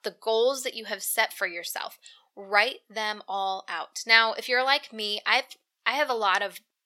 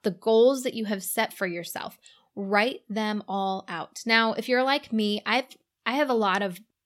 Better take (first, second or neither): second